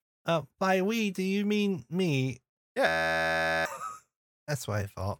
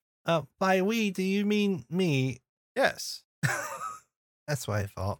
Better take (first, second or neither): second